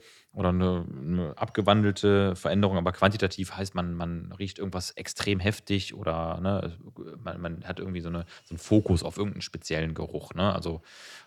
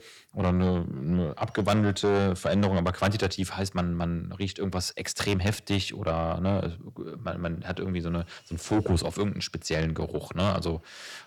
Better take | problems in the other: first | distortion; heavy; 8 dB below the speech

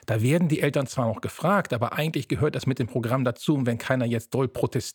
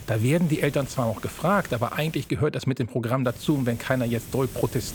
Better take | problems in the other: first | hiss; noticeable; until 2.5 s and from 3.5 s on; 15 dB below the speech

